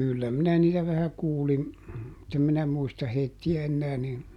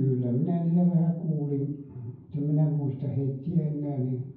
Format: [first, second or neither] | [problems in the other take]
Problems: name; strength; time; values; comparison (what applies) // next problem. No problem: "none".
first | room echo; dies away in 0.9 s